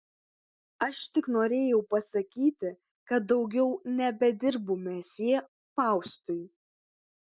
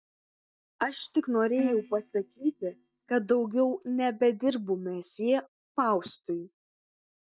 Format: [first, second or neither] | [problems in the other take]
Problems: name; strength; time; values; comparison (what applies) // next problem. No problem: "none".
first | noise reduction (neural mask model DeepFilterNet 3)